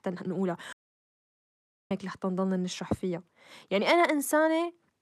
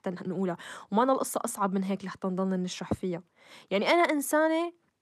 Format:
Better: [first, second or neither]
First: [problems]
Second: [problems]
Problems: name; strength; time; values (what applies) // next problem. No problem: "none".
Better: second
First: audio cutting out; at 0.5 s for 1 s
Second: none